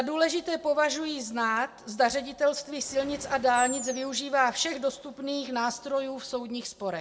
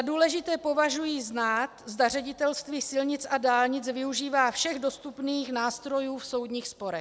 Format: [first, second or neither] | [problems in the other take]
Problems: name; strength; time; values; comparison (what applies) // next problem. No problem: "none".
second | background sound (Animal); 11 dB below the speech // room echo; dies away in 0.4 s